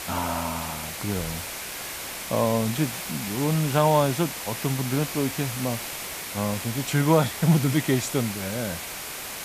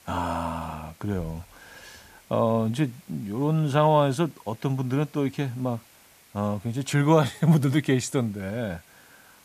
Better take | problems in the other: second | hiss; loud; throughout; 6 dB below the speech; faint in the second

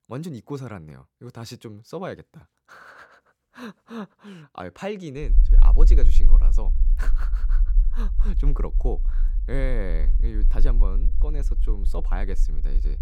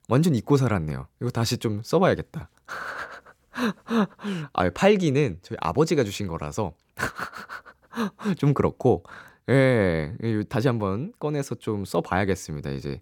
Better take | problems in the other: second | low rumble; noticeable; from 5.5 s on; 10 dB below the speech

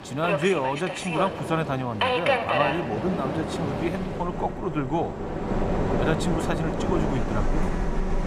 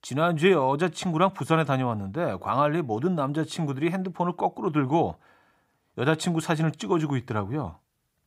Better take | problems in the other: second | train or aircraft noise; very loud; throughout; as loud as the speech

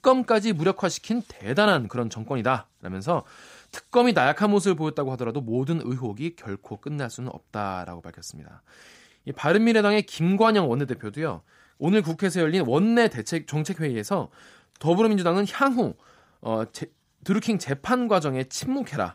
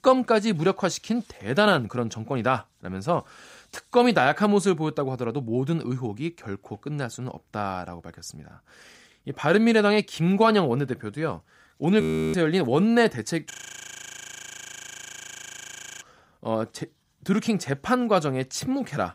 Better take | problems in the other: first | audio freezing; at 12 s and at 14 s for 2.5 s

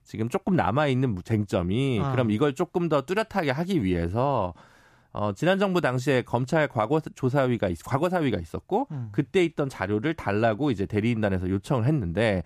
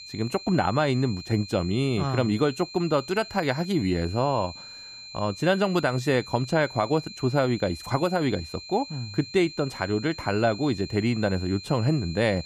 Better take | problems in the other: first | high-pitched whine; noticeable; throughout; 4 kHz, 15 dB below the speech

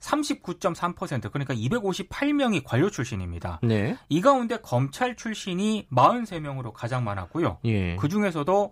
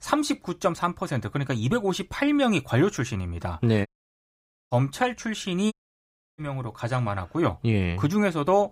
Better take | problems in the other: first | audio cutting out; at 4 s for 1 s and at 5.5 s for 0.5 s

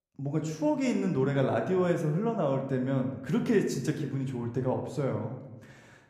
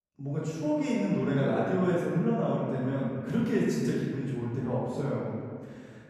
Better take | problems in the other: first | room echo; strong; dies away in 1.8 s; slight in the first // off-mic speech; far

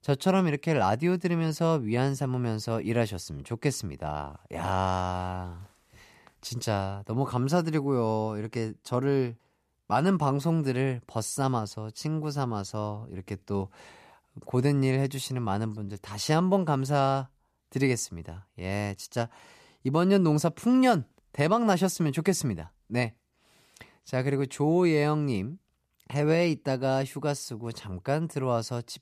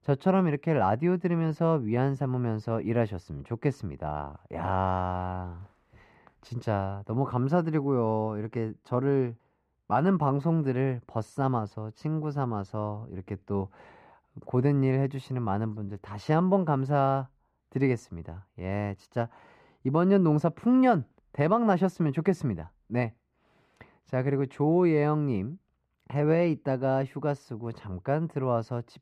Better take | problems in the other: first | muffled; very; fading above 3.5 kHz

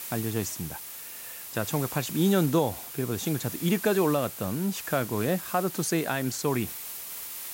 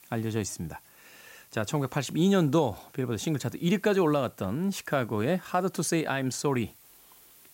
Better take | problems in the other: second | hiss; loud; throughout; 8 dB below the speech; faint in the second

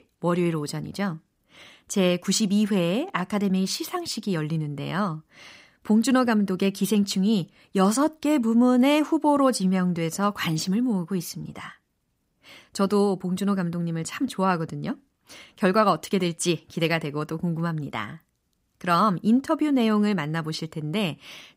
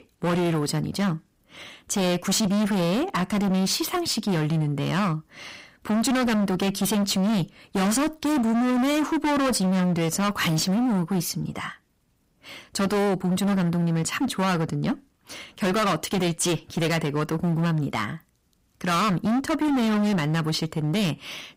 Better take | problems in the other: first | distortion; heavy; 28% of the sound clipped

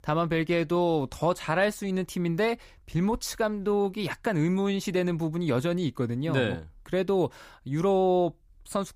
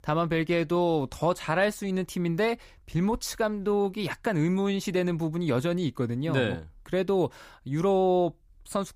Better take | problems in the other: neither | none

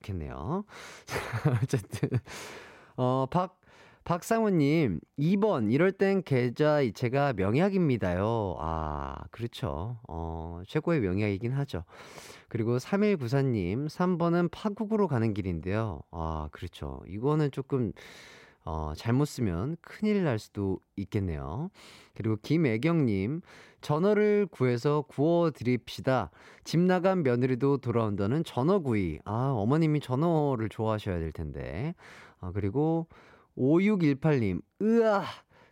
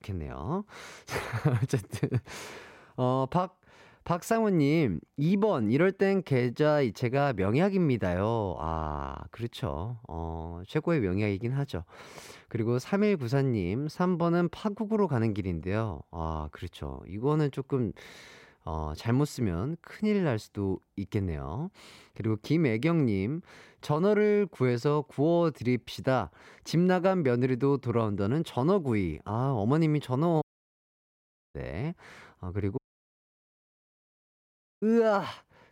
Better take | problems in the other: first | audio cutting out; at 30 s for 1 s and at 33 s for 2 s

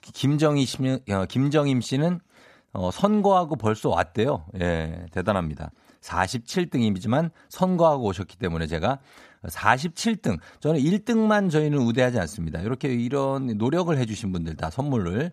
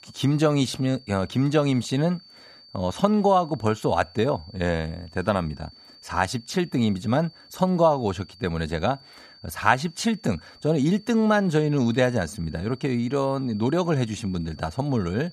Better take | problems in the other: first | high-pitched whine; faint; throughout; 4.5 kHz, 25 dB below the speech

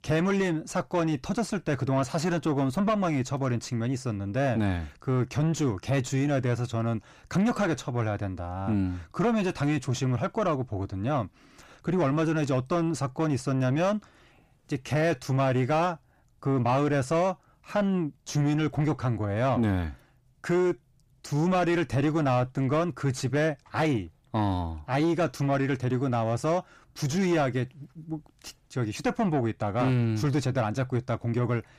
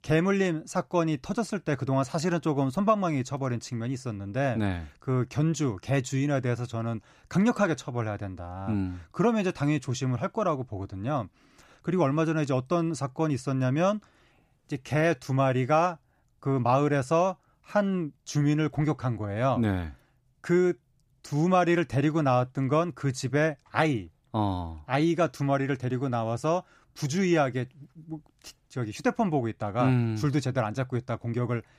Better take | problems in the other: second | distortion; slight; 10 dB below the speech

